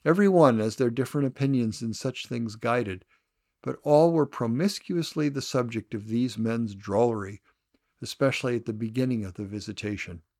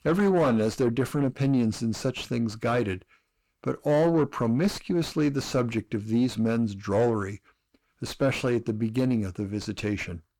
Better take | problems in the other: first | distortion; heavy; 7 dB below the speech

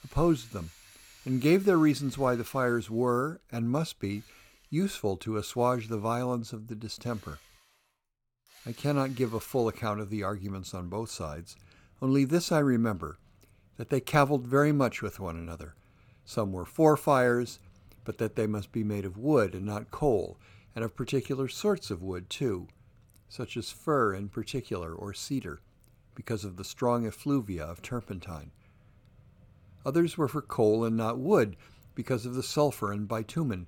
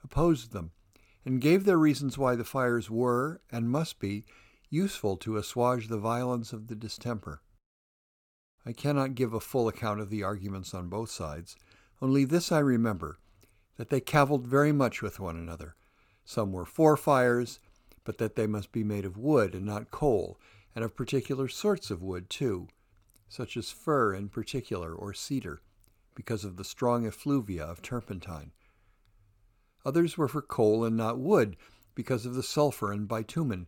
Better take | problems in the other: second | machinery noise; faint; throughout; 30 dB below the speech

